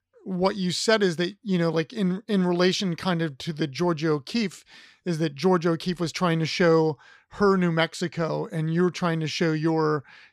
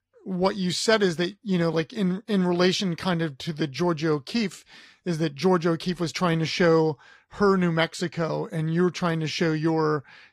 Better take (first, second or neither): first